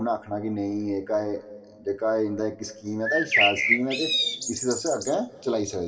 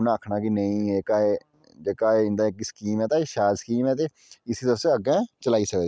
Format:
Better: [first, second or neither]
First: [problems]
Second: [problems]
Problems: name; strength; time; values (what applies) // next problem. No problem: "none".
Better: second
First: background sound (Bird); 2 dB above the speech // room echo; dies away in 2.6 s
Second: none